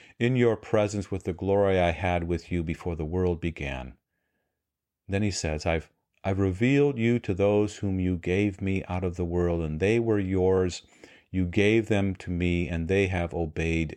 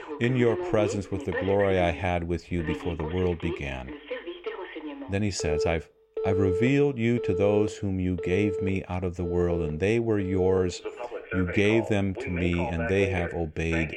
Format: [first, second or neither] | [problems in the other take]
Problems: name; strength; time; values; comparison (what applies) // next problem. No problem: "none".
first | alarms or sirens; loud; throughout; 7 dB below the speech